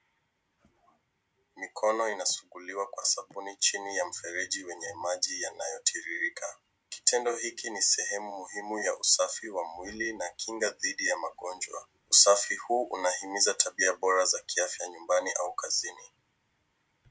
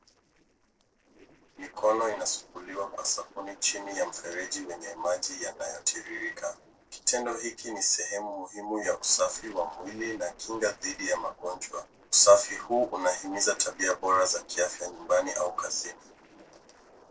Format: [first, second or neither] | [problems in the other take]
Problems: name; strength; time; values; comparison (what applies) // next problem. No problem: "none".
first | noise reduction (neural separator model SepFormer DNS4)